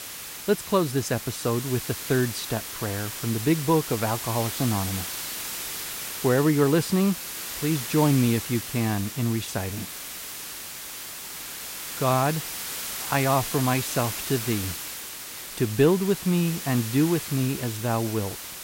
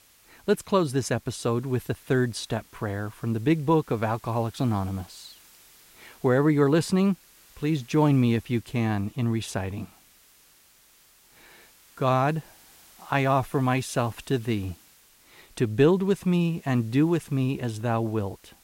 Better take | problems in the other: second | hiss; loud; throughout; 7 dB below the speech; faint in the second

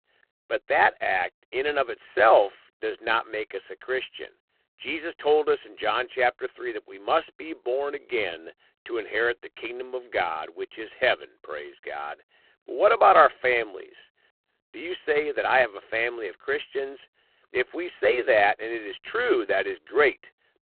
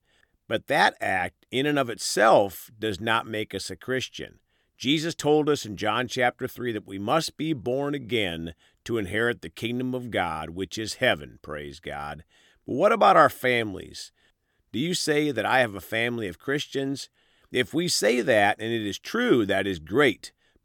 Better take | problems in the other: second | phone-call audio; poor line

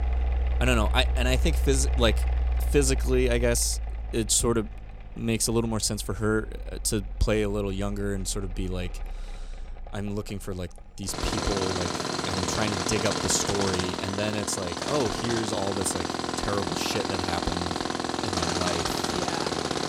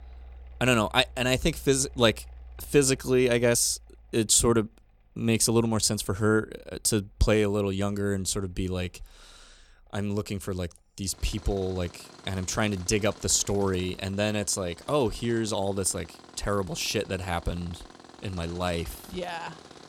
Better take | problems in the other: second | machinery noise; loud; throughout; 1 dB below the speech; faint in the second

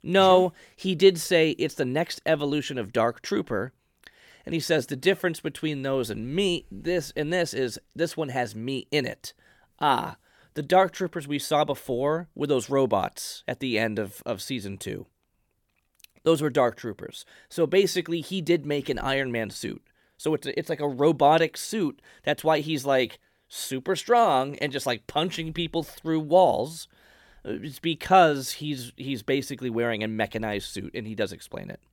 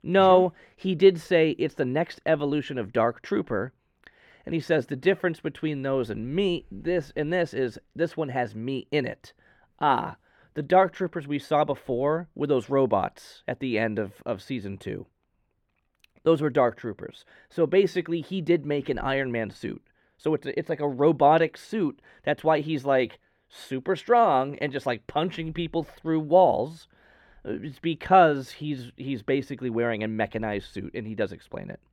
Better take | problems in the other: first | muffled; slightly; fading above 4 kHz

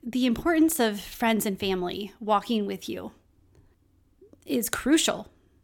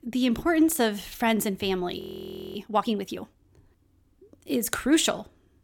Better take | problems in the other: first | audio freezing; at 2 s for 0.5 s

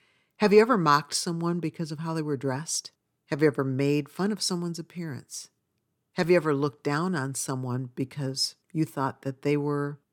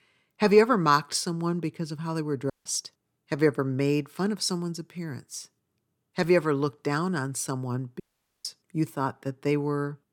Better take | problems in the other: first | audio cutting out; at 2.5 s and at 8 s

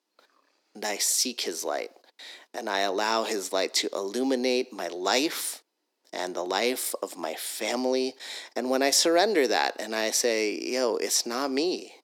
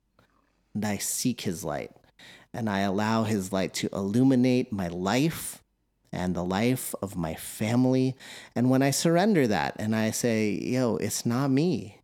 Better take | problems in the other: second | thin; somewhat; fading below 300 Hz

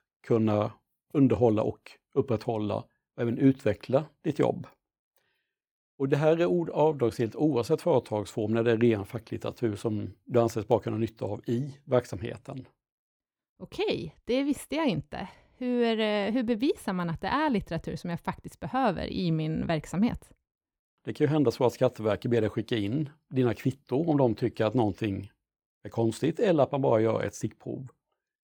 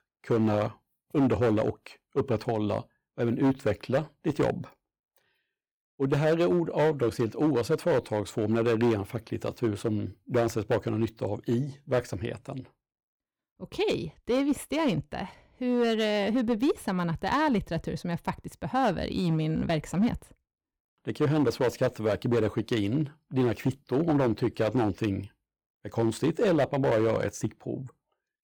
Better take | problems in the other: first | distortion; slight; 6% of the sound clipped

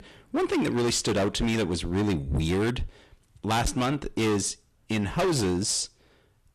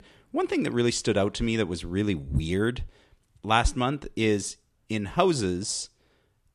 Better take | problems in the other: second | distortion; heavy; 18% of the sound clipped

